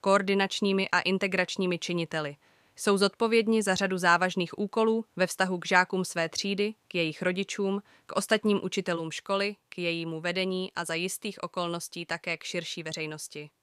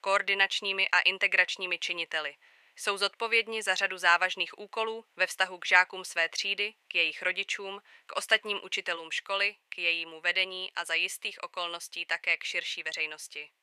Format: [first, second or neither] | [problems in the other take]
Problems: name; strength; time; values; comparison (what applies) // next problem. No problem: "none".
first | thin; very; fading below 650 Hz